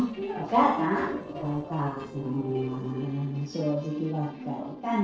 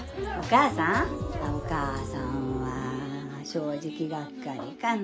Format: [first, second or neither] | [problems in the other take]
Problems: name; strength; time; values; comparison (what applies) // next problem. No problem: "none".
second | noise reduction (neural separator model SepFormer DNS4)